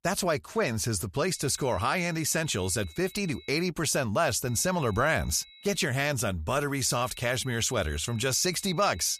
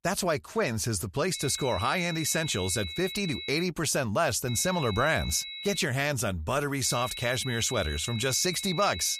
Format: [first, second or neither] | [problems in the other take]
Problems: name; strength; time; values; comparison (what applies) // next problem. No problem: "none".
first | high-pitched whine; loud; from 1.5 to 3.5 s, from 4.5 to 6 s and from 7 s on; 4 kHz, 9 dB below the speech; faint in the first